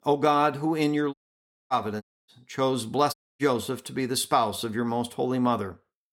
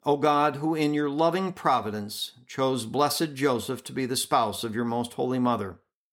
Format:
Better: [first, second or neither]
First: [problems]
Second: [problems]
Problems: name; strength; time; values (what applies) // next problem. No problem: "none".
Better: second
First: audio cutting out; at 1 s for 0.5 s, at 2 s and at 3 s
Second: none